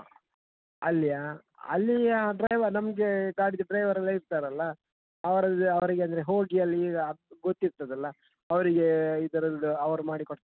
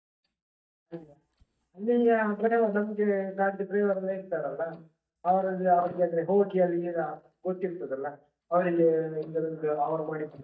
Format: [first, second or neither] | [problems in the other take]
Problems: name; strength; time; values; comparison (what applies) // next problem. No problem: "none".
first | noise reduction (neural mask model DeepFilterNet 3)